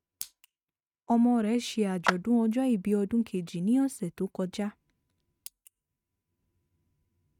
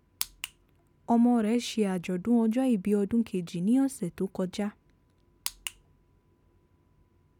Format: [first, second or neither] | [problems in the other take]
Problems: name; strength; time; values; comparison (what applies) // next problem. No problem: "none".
second | noise reduction (neural mask model RNNoise)